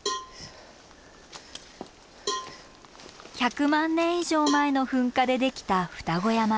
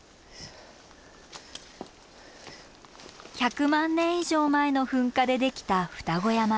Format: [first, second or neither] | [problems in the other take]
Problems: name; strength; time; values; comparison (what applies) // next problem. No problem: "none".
second | background sound (Cowbell); 12 dB below the speech